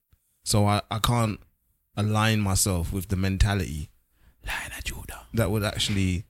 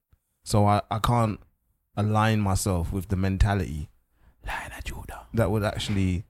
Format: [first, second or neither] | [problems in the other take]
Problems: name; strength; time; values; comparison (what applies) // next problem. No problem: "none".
first | muffled; slightly; fading above 2 kHz